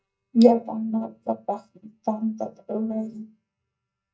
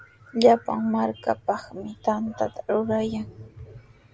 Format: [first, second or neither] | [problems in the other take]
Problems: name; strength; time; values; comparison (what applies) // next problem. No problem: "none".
second | noise reduction (neural mask model DeepFilterNet 3)